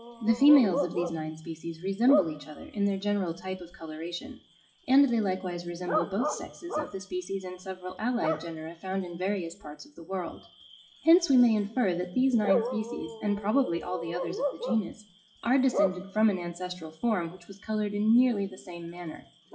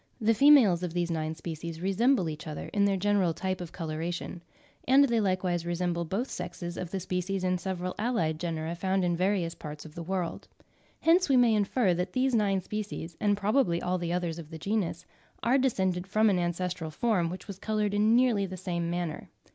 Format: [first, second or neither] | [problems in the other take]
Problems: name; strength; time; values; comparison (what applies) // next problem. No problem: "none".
second | noise reduction (classical method WPE with log-MMSE)